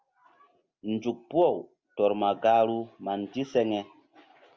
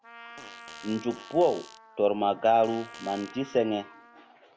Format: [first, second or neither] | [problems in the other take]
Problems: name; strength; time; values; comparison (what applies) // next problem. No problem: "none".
first | background sound (Fart + Trumpet); 19 dB below the speech